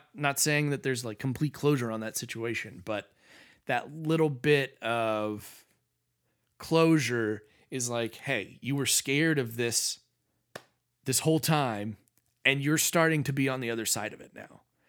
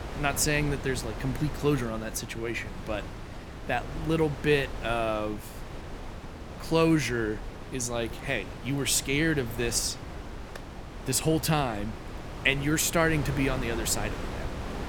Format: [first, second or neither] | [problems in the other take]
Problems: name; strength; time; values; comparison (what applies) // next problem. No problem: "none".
first | wind noise on the microphone; occasional gusts; 10 dB below the speech